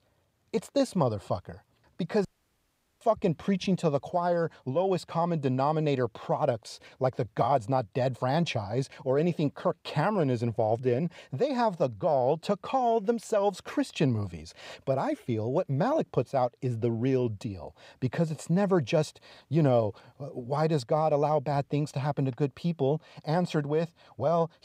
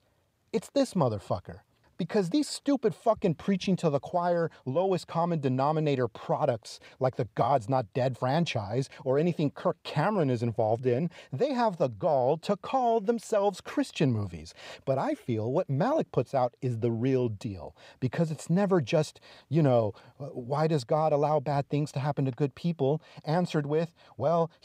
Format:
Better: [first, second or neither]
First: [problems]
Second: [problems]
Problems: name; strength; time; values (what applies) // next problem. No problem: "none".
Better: second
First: audio cutting out; at 2.5 s for 1 s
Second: none